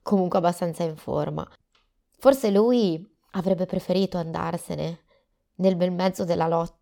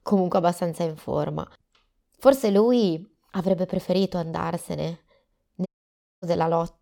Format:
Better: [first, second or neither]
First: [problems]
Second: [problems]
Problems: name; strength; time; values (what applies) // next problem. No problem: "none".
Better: first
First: none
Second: audio cutting out; at 5.5 s for 0.5 s